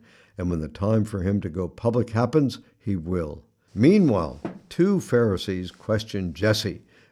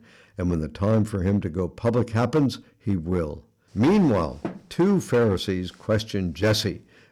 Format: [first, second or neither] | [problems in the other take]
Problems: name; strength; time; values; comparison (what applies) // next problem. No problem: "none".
first | distortion; slight; 5% of the sound clipped